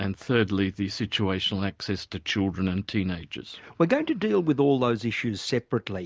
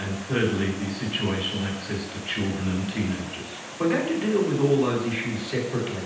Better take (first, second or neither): first